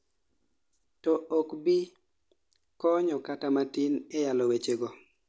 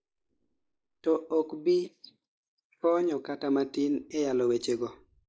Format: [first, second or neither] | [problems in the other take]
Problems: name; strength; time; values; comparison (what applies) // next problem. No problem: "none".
first | noise reduction (neural mask model Resemble Enhance denoiser)